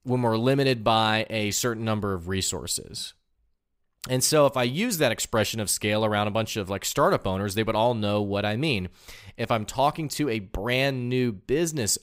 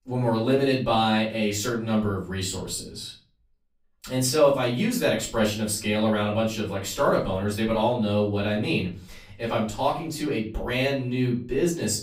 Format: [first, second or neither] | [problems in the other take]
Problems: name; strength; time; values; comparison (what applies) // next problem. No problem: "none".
first | room echo; slight; dies away in 0.3 s // off-mic speech; far